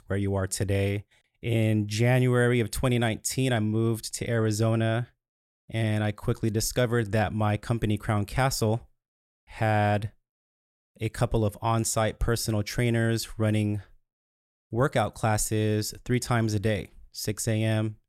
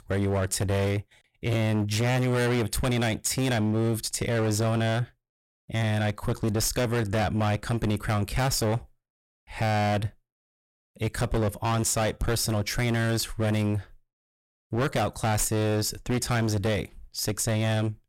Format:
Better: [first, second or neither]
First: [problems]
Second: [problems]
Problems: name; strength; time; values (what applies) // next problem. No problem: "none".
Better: first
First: none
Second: distortion; heavy; 22% of the sound clipped